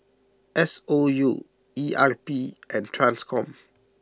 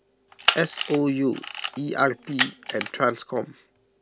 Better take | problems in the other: first | background sound (Camera); 3 dB below the speech

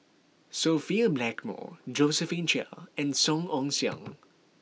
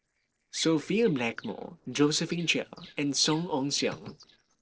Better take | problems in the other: first | noise reduction (neural separator model SepFormer DNS4)

